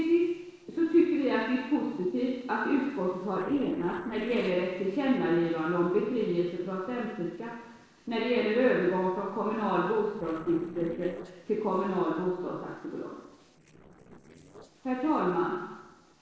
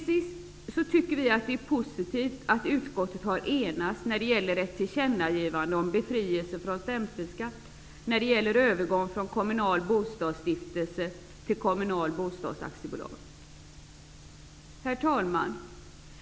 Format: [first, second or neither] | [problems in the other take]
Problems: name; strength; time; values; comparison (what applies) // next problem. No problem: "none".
second | noise reduction (neural separator model SepFormer DNS4)